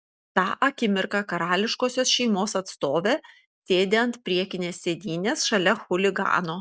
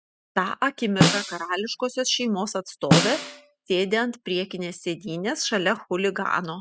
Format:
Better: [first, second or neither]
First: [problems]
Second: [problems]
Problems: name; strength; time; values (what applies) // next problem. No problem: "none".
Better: first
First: none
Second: noise reduction (classical method spectral subtraction)